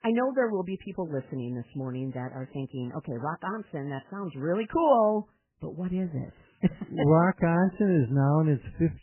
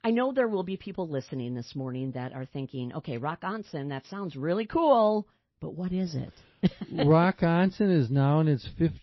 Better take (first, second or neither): second